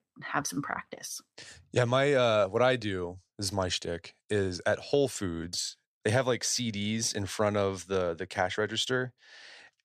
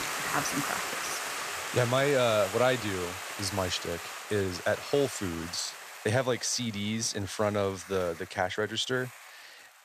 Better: first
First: none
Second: hiss; loud; throughout; 6 dB below the speech

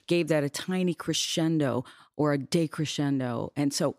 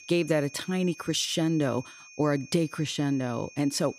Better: first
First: none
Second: high-pitched whine; noticeable; throughout; 2.5 kHz, 20 dB below the speech

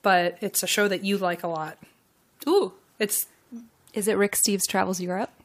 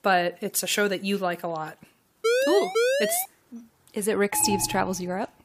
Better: first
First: none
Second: siren; loud; from 2 to 3.5 s; peak 3 dB above the speech // alarm; noticeable; at 4.5 s; peak 4 dB below the speech

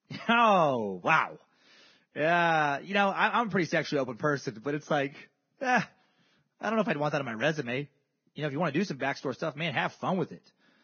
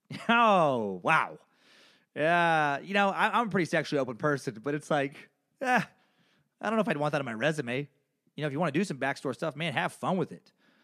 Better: second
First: garbled, watery; badly; nothing above 6.5 kHz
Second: none

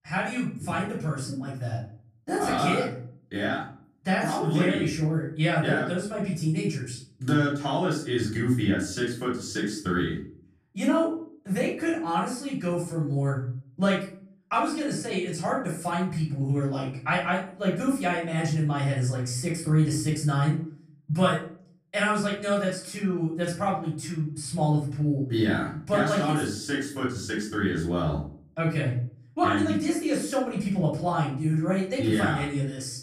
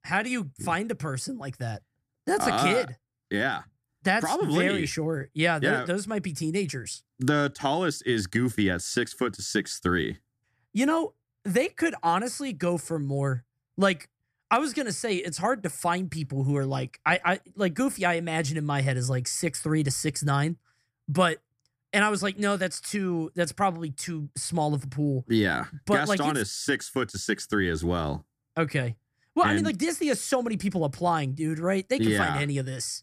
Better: second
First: off-mic speech; far // room echo; noticeable; dies away in 0.5 s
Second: none

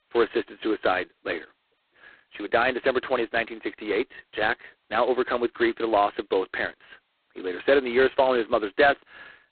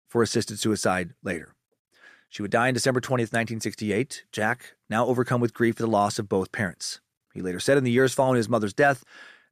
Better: second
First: phone-call audio; poor line; nothing above 4 kHz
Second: none

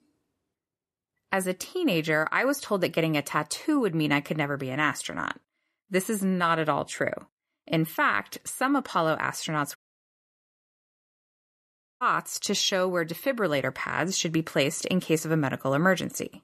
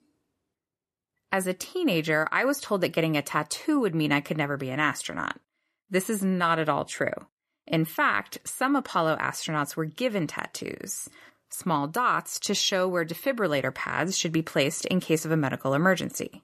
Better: second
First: audio cutting out; at 10 s for 2 s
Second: none

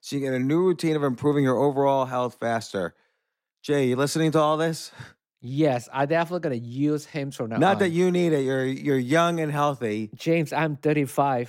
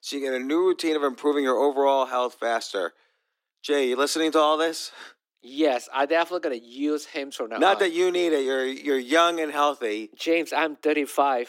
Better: first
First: none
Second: thin; somewhat; fading below 300 Hz

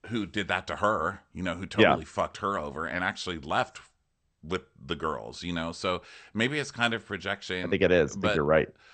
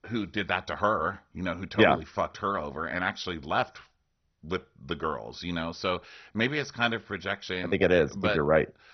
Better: first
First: garbled, watery; slightly; nothing above 8.5 kHz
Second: garbled, watery; badly; nothing above 6 kHz

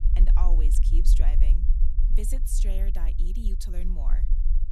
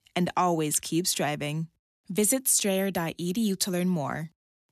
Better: second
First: low rumble; loud; throughout; 6 dB below the speech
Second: none

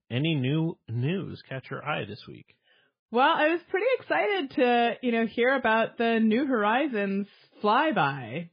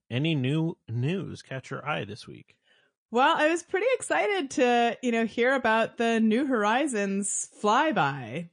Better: second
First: garbled, watery; badly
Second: garbled, watery; slightly; nothing above 9.5 kHz

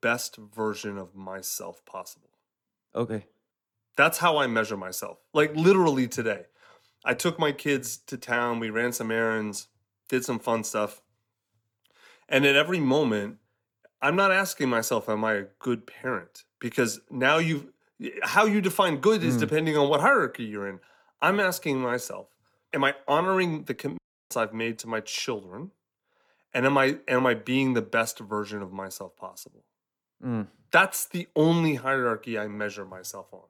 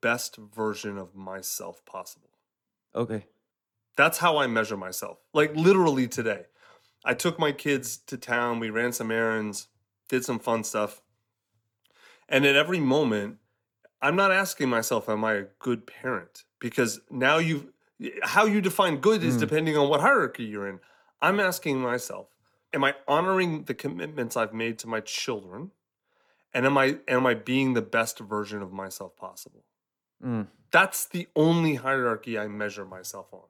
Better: second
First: audio cutting out; at 24 s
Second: none

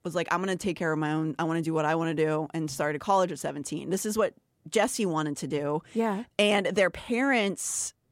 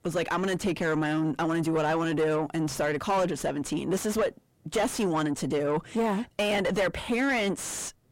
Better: first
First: none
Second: distortion; heavy; 6 dB below the speech

